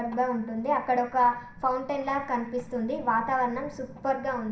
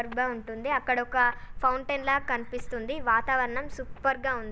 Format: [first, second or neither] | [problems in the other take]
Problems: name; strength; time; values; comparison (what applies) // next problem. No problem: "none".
second | room echo; dies away in 0.5 s